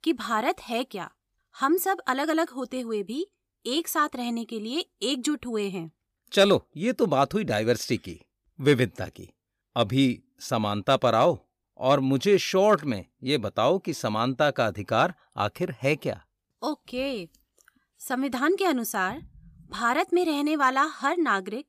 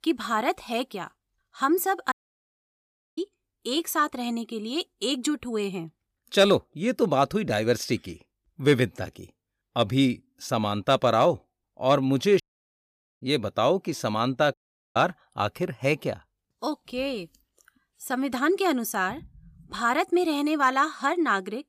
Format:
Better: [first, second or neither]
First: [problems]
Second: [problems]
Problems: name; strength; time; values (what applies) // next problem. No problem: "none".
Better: first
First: none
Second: audio cutting out; at 2 s for 1 s, at 12 s for 1 s and at 15 s